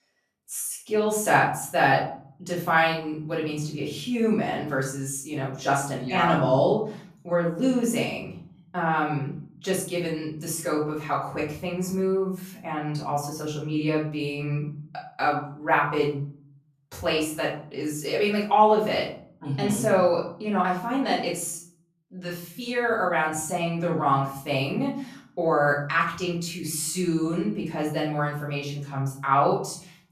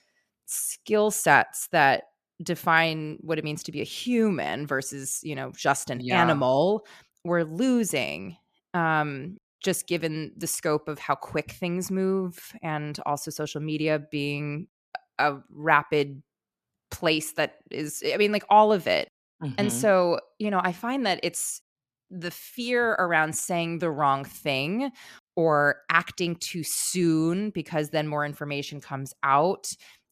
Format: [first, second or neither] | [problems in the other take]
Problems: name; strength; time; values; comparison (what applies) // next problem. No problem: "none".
second | off-mic speech; far // room echo; noticeable; dies away in 0.5 s